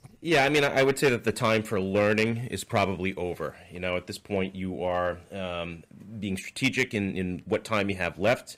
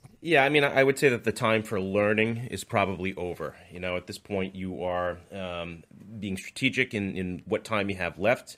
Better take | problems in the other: second | distortion; slight; 3% of the sound clipped

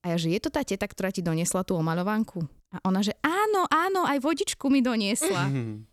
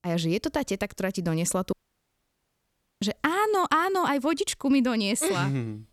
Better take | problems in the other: first | audio cutting out; at 1.5 s for 1.5 s

